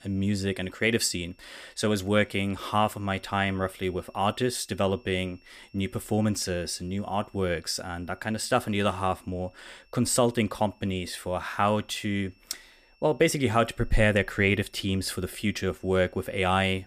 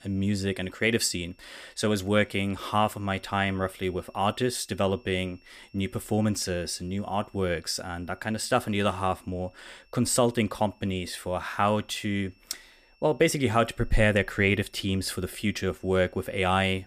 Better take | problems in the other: neither | high-pitched whine; faint; throughout; 2.5 kHz, 35 dB below the speech; the same in both

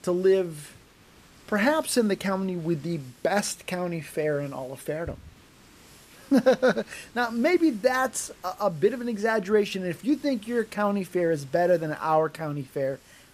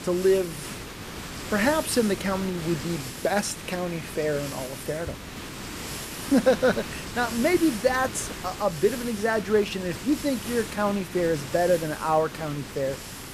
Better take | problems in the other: first | hiss; loud; throughout; 9 dB below the speech; faint in the first

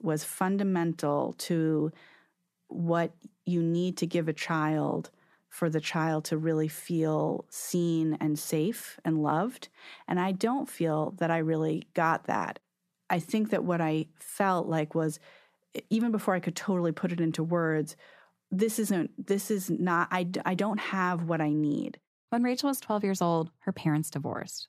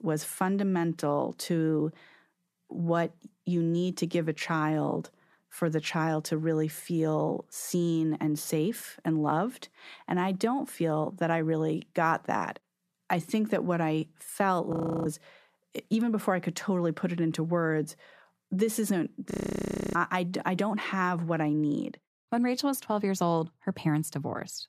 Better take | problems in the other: first | audio freezing; at 15 s and at 19 s for 0.5 s

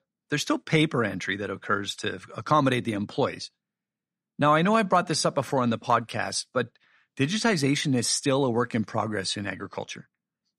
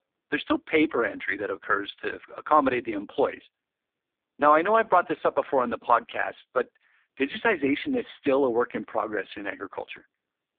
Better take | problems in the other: first | phone-call audio; poor line

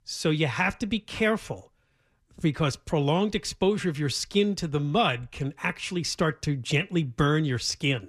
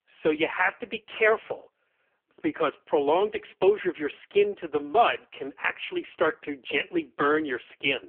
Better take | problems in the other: first | phone-call audio; poor line; nothing above 3 kHz

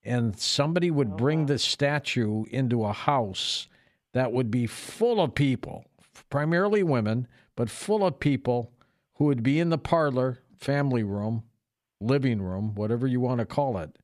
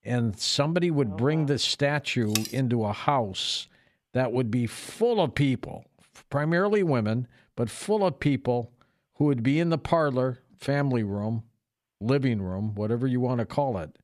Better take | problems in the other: first | clattering dishes; noticeable; at 2.5 s; peak 4 dB below the speech

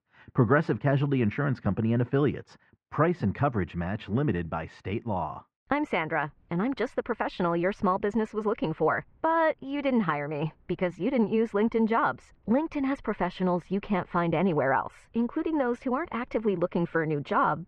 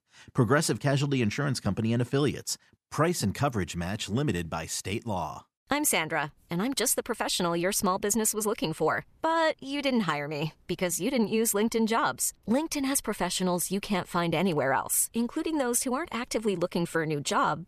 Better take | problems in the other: second | muffled; very; fading above 2 kHz

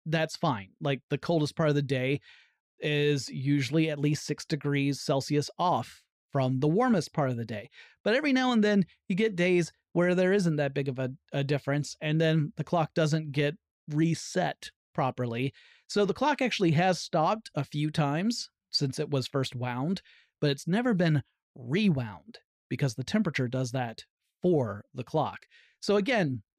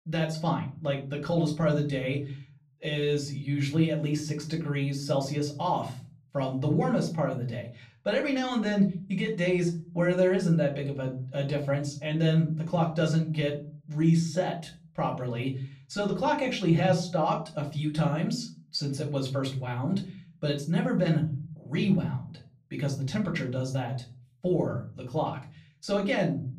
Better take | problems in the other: first | off-mic speech; far // room echo; slight; dies away in 0.5 s

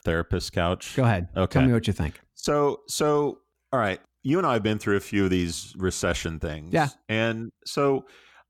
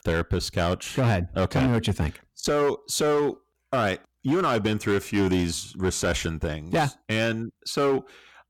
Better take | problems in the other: first | distortion; slight; 10% of the sound clipped

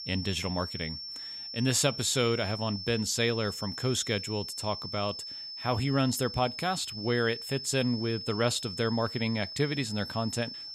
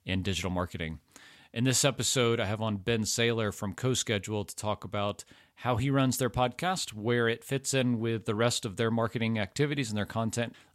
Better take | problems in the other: second | high-pitched whine; loud; throughout; 5.5 kHz, 7 dB below the speech

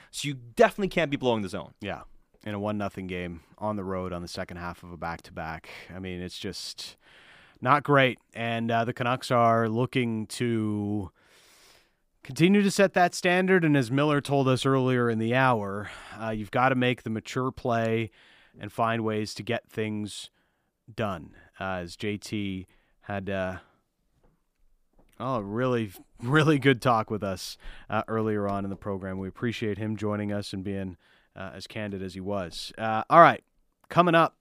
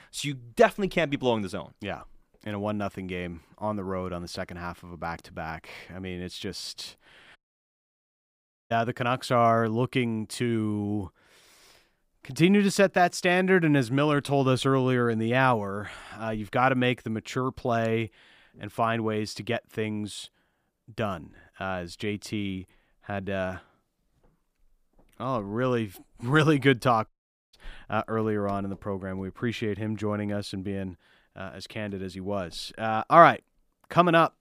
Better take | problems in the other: first | audio cutting out; at 7.5 s for 1.5 s and at 27 s

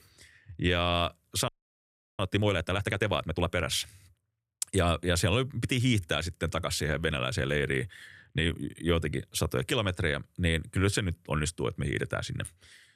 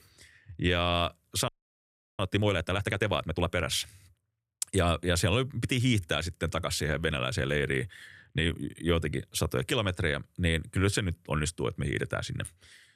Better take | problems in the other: neither | audio freezing; at 1.5 s for 0.5 s; the same in both

